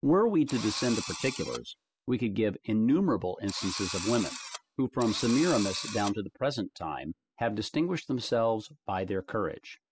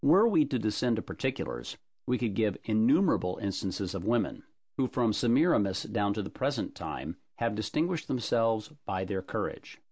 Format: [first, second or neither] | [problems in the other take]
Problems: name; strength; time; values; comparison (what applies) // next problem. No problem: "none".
second | noise reduction (classical method spectral subtraction)